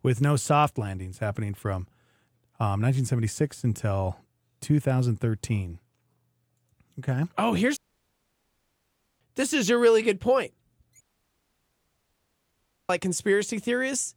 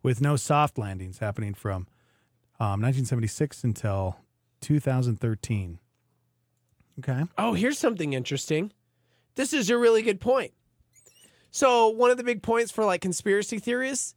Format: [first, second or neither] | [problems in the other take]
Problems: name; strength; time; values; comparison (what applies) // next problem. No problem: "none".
second | audio cutting out; at 8 s for 1.5 s and at 11 s for 2 s